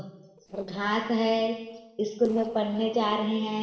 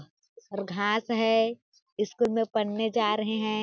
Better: second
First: noise reduction (neural separator model SepFormer DNS4)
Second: none

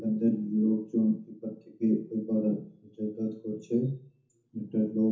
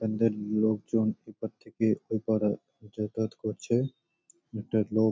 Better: second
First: room echo; dies away in 0.9 s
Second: none

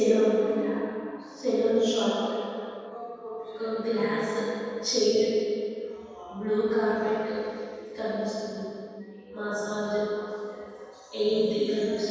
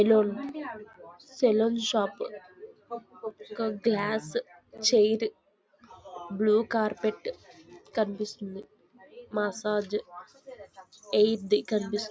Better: second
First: room echo; dies away in 2.1 s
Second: none

